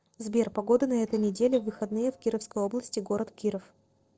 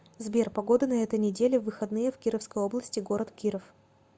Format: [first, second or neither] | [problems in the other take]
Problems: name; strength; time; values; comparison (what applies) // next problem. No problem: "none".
second | noise reduction (neural separator model SepFormer DNS4)